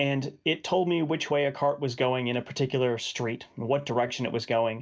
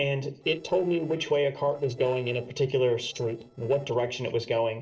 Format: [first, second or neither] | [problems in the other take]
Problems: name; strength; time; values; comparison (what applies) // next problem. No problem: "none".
first | noise reduction (neural separator model SepFormer DNS4)